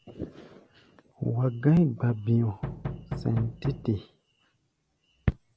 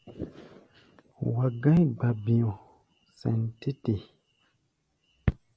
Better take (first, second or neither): second